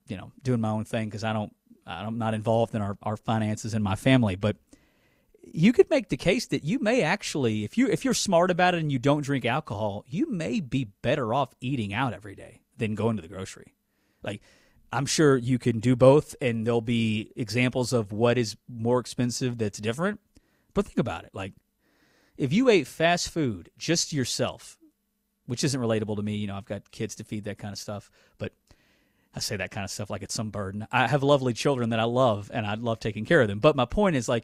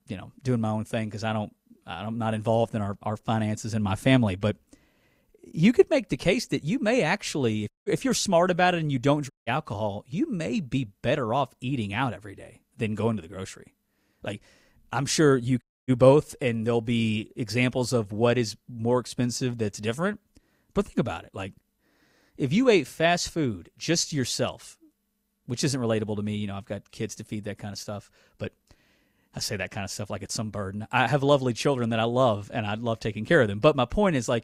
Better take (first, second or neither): first